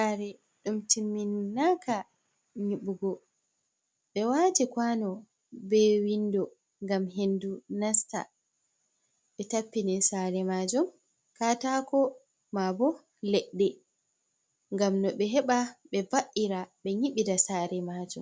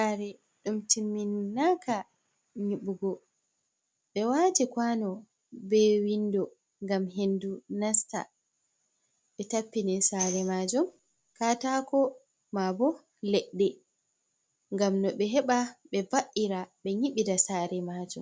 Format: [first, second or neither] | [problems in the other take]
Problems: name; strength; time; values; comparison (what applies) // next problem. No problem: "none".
first | background sound (Tambourine); 10 dB below the speech